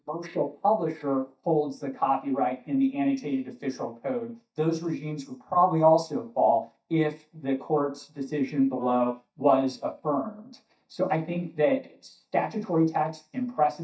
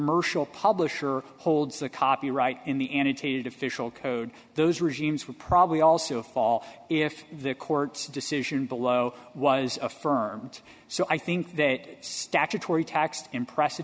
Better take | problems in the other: second | noise reduction (neural mask model DeepFilterNet 3)

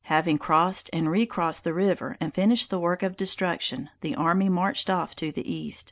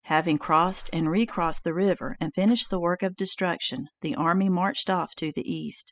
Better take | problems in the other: first | noise reduction (classical method spectral subtraction)

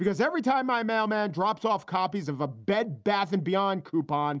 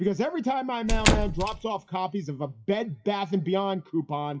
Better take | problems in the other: first | noise reduction (classical method WPE with log-MMSE)

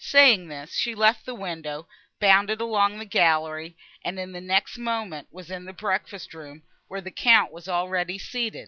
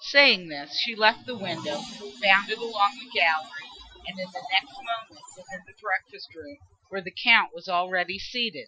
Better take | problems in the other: first | noise reduction (classical method Wiener filter)

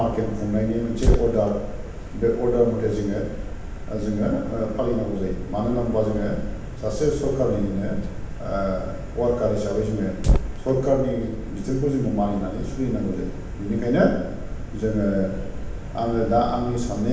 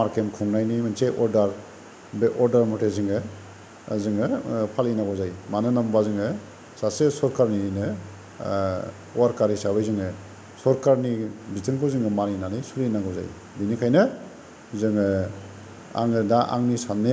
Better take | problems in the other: second | background sound (Fire); 4 dB below the speech // room echo; dies away in 0.9 s

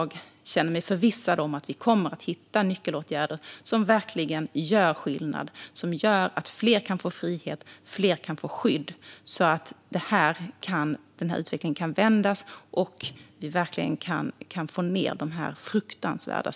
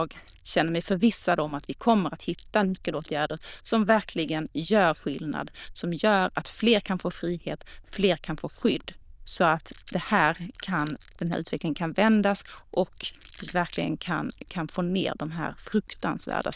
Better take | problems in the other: first | noise reduction (neural diffusion model UNIVERSE++)

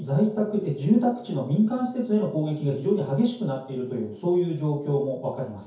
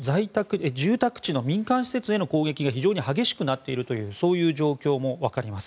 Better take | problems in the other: second | room echo; dies away in 0.6 s

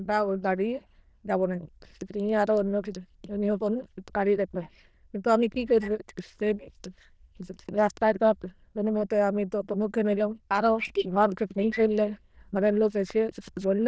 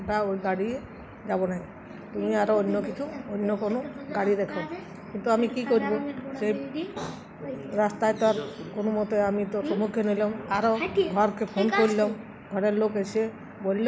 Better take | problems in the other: second | noise reduction (neural diffusion model UNIVERSE++)

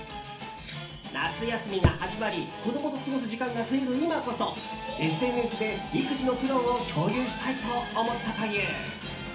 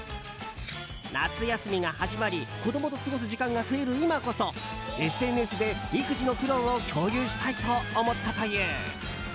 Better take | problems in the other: second | background sound (Thump, thud); 2 dB above the speech // room echo; dies away in 0.4 s

